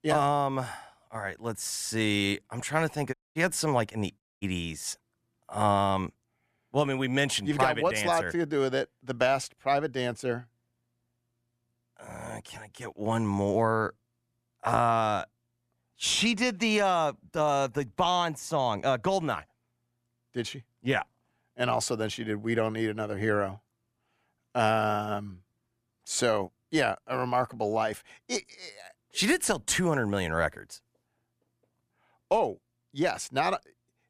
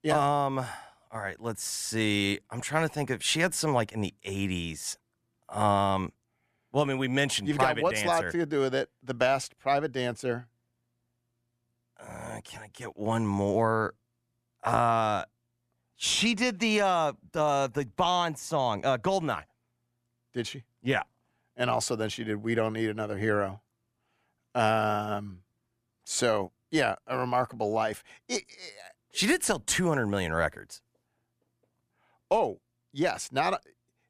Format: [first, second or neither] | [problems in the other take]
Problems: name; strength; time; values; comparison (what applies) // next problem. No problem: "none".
second | audio cutting out; at 3 s and at 4 s